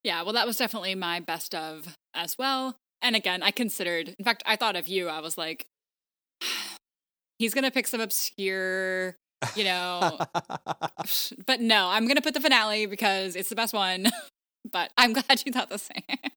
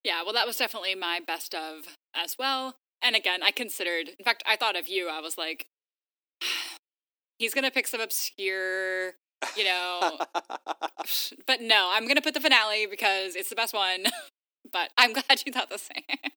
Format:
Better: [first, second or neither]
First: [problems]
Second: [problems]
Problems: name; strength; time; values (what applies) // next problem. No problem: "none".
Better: first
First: none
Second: thin; somewhat; fading below 300 Hz